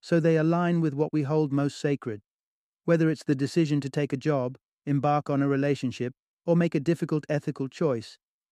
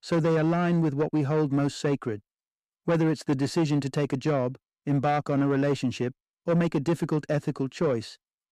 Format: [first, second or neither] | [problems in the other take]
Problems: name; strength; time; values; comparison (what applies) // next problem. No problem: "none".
first | distortion; slight; 10 dB below the speech